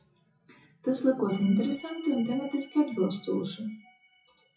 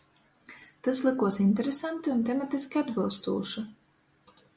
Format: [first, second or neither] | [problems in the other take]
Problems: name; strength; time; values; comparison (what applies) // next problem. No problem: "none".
second | noise reduction (classical method WPE with log-MMSE)